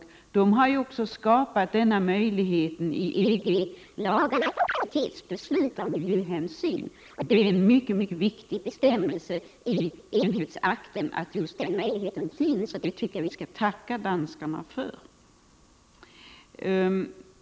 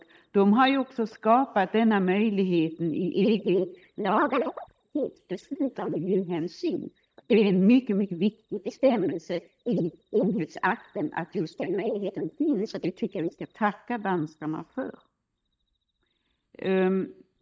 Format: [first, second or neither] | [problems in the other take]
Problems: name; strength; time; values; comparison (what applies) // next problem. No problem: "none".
first | noise reduction (neural mask model DeepFilterNet 3)